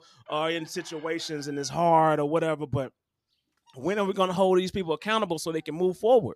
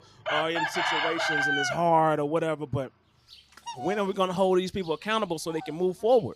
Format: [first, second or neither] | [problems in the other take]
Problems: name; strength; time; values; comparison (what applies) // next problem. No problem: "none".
first | animal sounds; loud; throughout; 1 dB below the speech; faint in the first